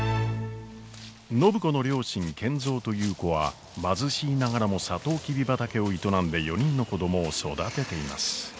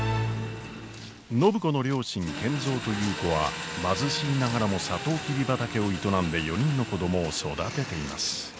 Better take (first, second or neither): first